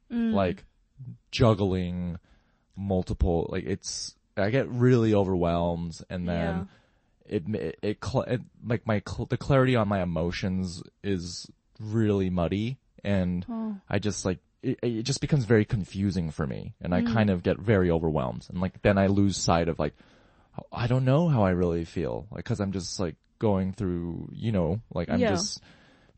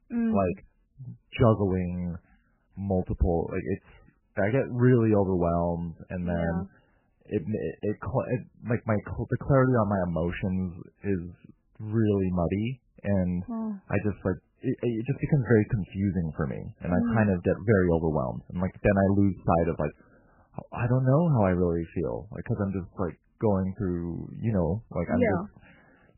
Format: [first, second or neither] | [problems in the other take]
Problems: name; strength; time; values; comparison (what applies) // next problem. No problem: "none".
first | garbled, watery; badly; nothing above 3 kHz; slightly in the first